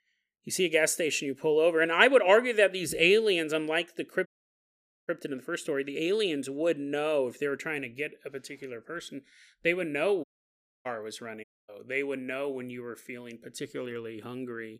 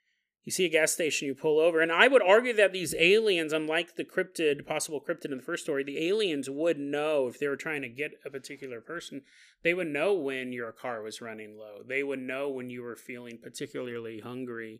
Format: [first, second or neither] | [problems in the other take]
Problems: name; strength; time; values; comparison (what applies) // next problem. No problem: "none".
second | audio cutting out; at 4.5 s for 1 s, at 10 s for 0.5 s and at 11 s